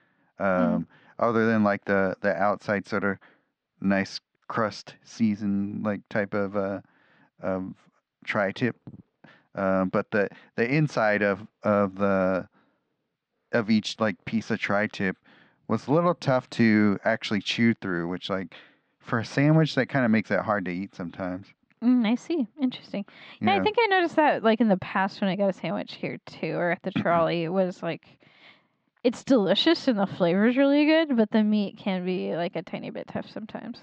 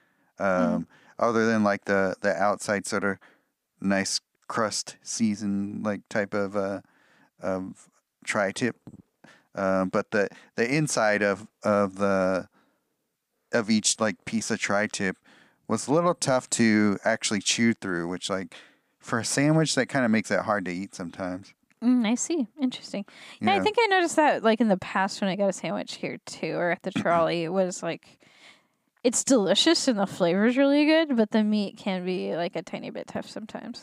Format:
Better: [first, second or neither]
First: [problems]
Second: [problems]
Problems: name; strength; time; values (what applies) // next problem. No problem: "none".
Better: second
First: muffled; slightly; fading above 4 kHz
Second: none